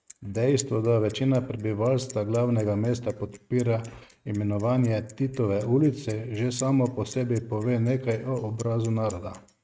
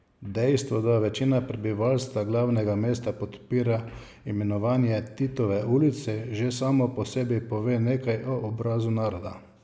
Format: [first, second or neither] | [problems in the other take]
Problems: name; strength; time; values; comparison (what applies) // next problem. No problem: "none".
second | noise reduction (neural mask model RNNoise)